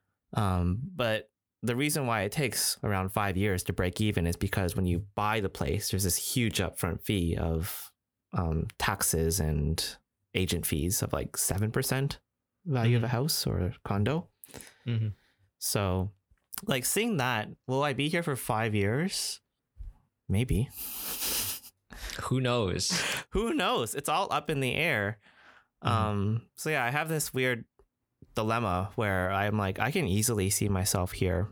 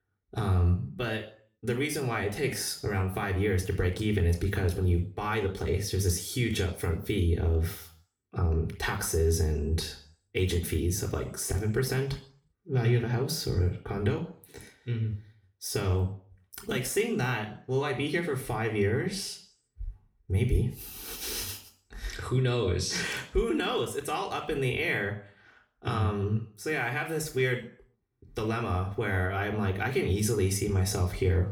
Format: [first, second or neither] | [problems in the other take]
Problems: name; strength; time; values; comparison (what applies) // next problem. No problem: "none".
first | room echo; slight; dies away in 0.4 s // off-mic speech; somewhat distant